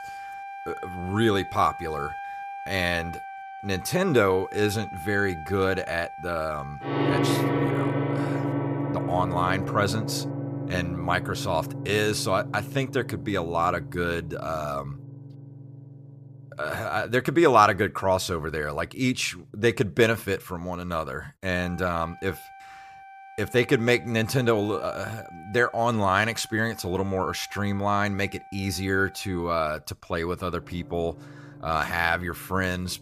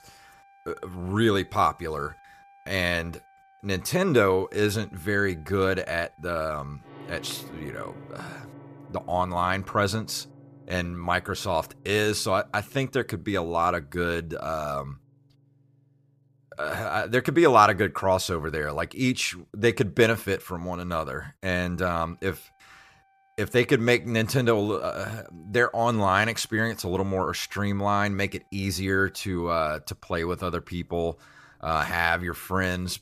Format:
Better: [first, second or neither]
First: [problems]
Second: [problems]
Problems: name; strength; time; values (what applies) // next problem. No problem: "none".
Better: second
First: background music; loud; throughout; 7 dB below the speech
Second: background music; faint; throughout; 25 dB below the speech